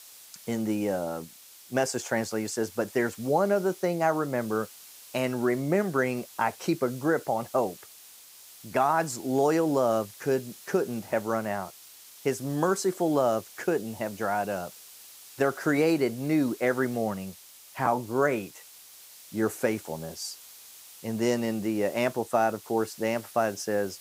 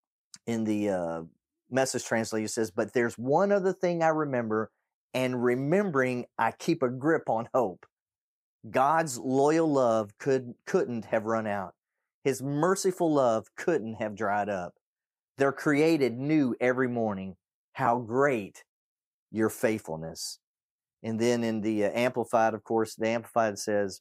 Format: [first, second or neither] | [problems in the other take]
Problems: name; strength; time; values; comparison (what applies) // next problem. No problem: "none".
second | hiss; noticeable; throughout; 20 dB below the speech